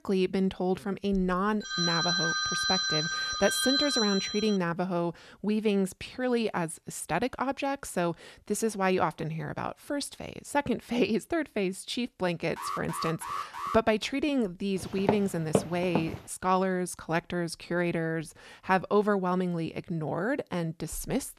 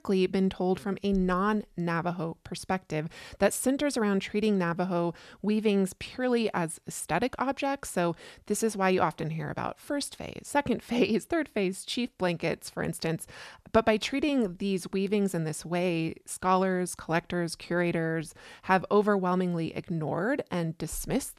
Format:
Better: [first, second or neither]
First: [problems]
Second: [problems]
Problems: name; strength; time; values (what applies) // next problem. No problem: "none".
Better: second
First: phone ringing; loud; from 1.5 to 4.5 s; peak 4 dB above the speech // alarm; noticeable; from 13 to 14 s; peak 5 dB below the speech // footsteps; noticeable; from 15 to 16 s; peak level with the speech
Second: none